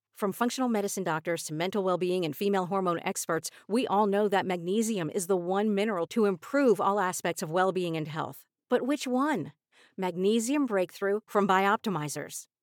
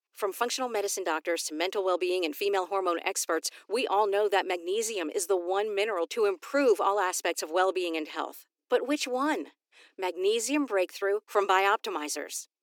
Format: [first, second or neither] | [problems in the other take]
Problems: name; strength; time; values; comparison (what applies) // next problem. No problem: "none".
first | thin; somewhat; fading below 300 Hz